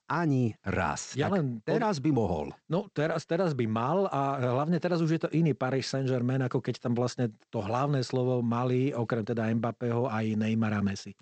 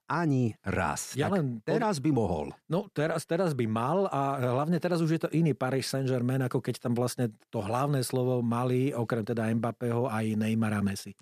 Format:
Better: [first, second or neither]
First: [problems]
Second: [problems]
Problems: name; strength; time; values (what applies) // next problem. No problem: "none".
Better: second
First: garbled, watery; slightly; nothing above 8 kHz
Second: none